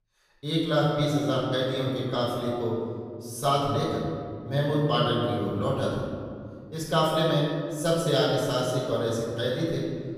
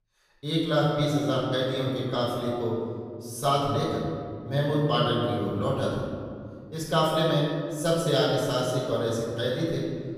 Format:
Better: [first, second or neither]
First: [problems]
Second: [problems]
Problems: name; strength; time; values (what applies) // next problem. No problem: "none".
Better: neither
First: off-mic speech; far // room echo; noticeable; dies away in 2.2 s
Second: off-mic speech; far // room echo; noticeable; dies away in 2.2 s